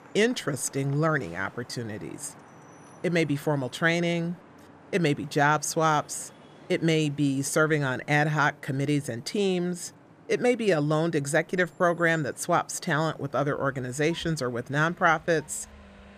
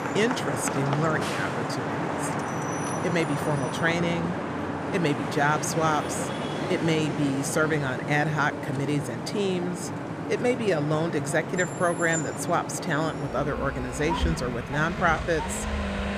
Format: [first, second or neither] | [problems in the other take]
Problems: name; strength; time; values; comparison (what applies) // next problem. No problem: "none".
first | traffic noise; loud; throughout; 3 dB below the speech; faint in the first